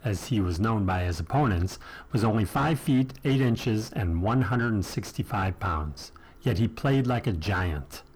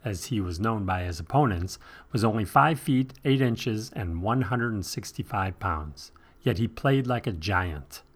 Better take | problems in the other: second | distortion; heavy; 6 dB below the speech

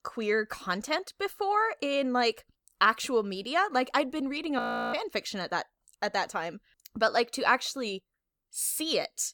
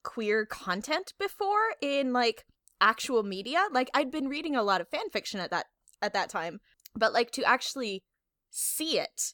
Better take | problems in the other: second | audio freezing; at 4.5 s

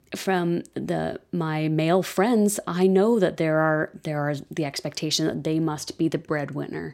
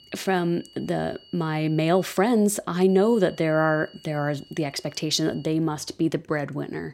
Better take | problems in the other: first | high-pitched whine; faint; until 2 s and from 3 to 5.5 s; 3 kHz, 25 dB below the speech

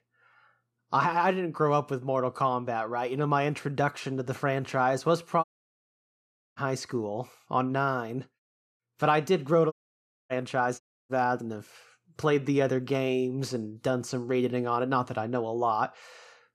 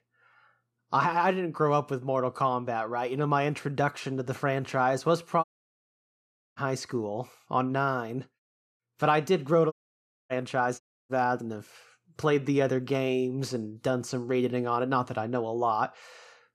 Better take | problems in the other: neither | audio cutting out; at 5.5 s for 1 s, at 9.5 s for 0.5 s and at 11 s; the same in both

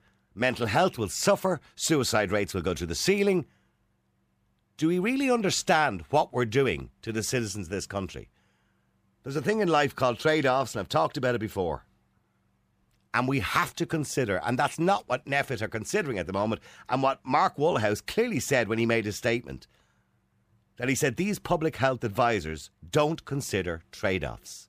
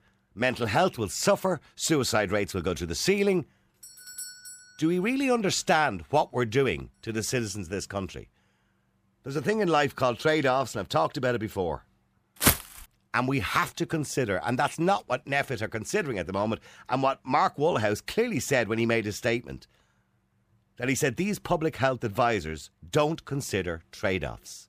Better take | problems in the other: first | doorbell; faint; at 4 s; peak 10 dB below the speech // footsteps; loud; at 12 s; peak 4 dB above the speech

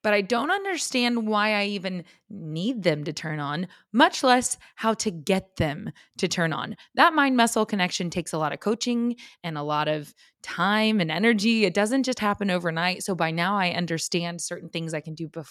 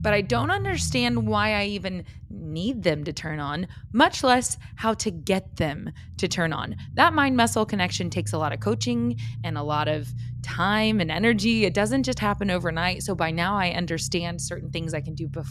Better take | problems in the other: first | low rumble; faint; throughout; 25 dB below the speech

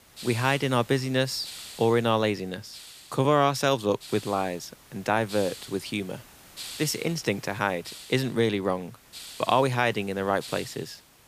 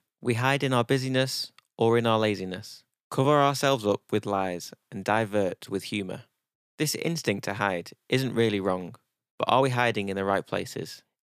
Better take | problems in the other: second | hiss; noticeable; throughout; 15 dB below the speech

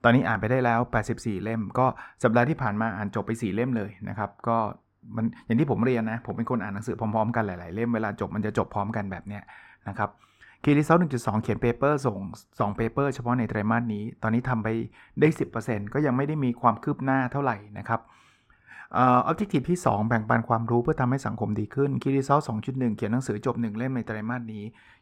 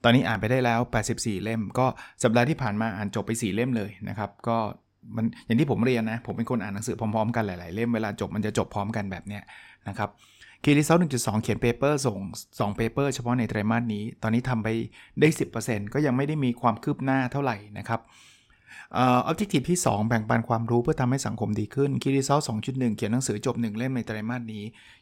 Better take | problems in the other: second | muffled; slightly; fading above 2.5 kHz

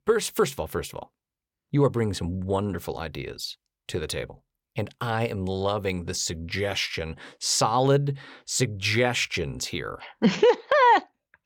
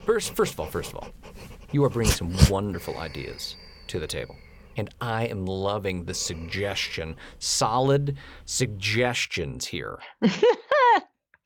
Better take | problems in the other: first | dog barking; loud; at 2 s; peak 5 dB above the speech

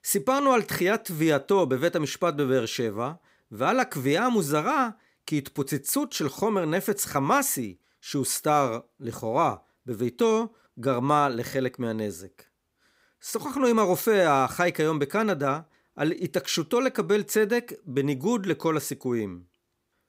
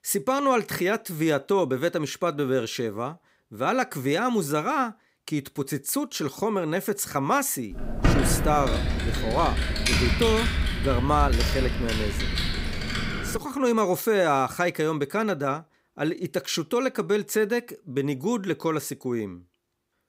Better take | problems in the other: first | keyboard typing; loud; from 8 to 13 s; peak 4 dB above the speech

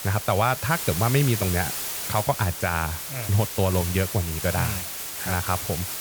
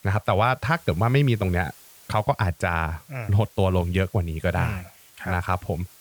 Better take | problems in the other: second | hiss; loud; throughout; 4 dB below the speech; faint in the second

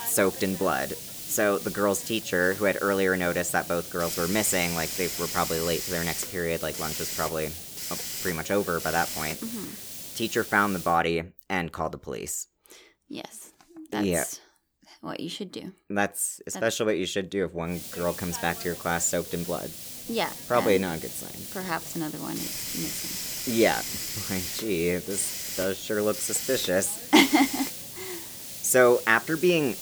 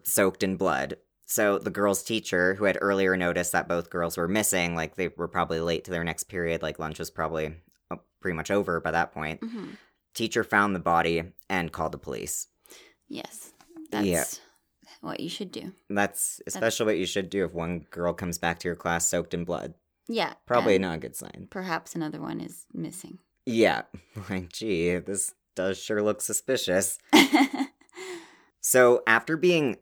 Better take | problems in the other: second | hiss; loud; until 11 s and from 18 s on; 7 dB below the speech

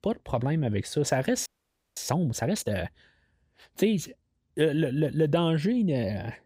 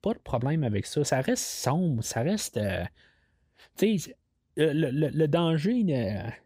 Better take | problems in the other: second | audio freezing; at 1.5 s for 0.5 s

